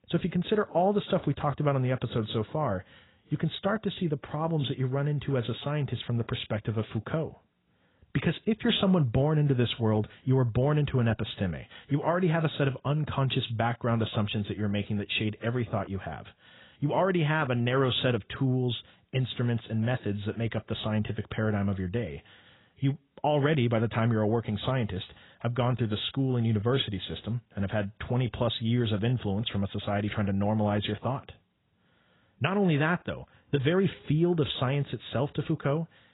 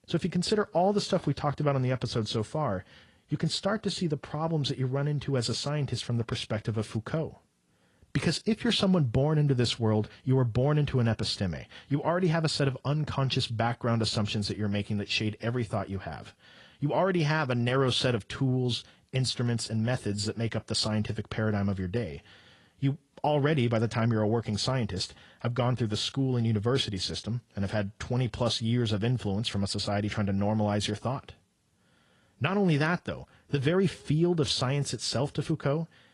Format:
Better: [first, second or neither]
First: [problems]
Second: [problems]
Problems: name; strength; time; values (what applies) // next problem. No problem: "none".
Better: second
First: garbled, watery; badly; nothing above 4 kHz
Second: garbled, watery; slightly